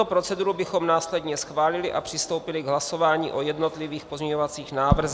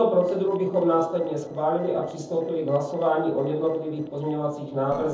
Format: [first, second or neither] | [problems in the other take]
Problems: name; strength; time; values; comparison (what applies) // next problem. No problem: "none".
first | noise reduction (neural separator model SepFormer DNS4)